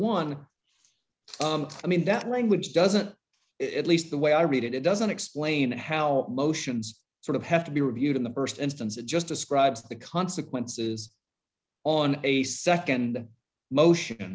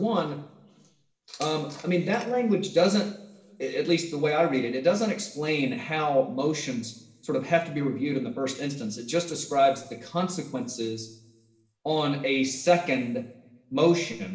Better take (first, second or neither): first